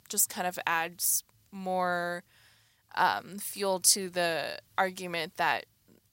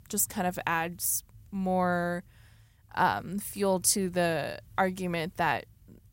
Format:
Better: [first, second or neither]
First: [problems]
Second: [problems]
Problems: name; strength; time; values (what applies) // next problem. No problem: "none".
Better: second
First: thin; somewhat; fading below 1 kHz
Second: none